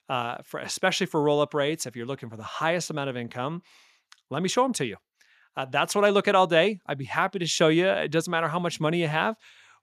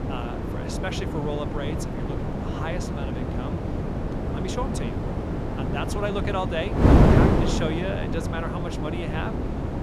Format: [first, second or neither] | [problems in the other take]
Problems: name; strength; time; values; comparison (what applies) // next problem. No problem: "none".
first | wind noise on the microphone; heavy; 2 dB above the speech